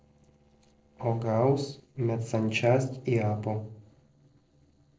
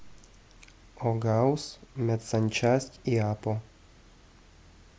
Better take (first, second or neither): second